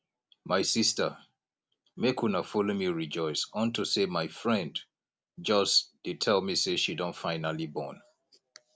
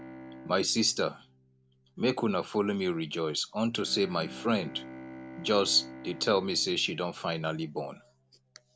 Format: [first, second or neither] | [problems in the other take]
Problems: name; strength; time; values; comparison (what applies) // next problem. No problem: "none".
first | background sound (Bowed string instrument); 17 dB below the speech